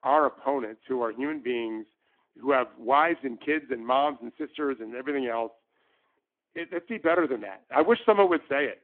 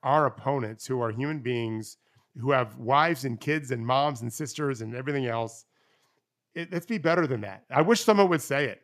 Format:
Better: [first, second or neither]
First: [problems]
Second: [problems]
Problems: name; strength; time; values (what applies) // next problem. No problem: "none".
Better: second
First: phone-call audio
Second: none